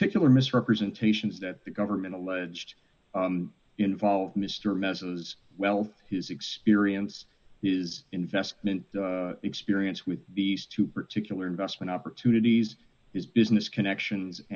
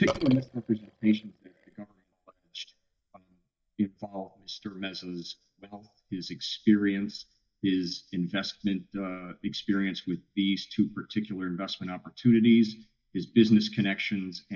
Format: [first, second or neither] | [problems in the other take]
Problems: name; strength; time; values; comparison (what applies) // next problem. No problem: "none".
first | noise reduction (neural mask model DeepFilterNet 3)